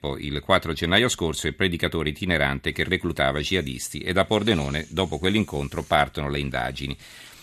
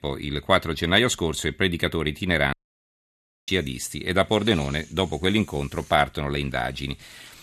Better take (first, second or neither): first